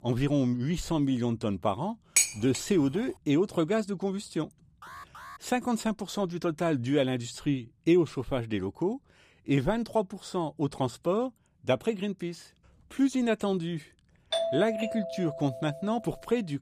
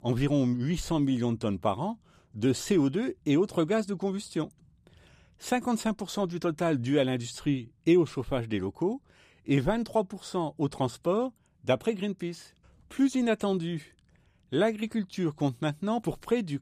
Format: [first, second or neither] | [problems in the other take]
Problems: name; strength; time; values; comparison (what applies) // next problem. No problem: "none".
second | clattering dishes; loud; at 2 s; peak 5 dB above the speech // alarm; faint; at 5 s; peak 15 dB below the speech // doorbell; noticeable; from 14 to 16 s; peak level with the speech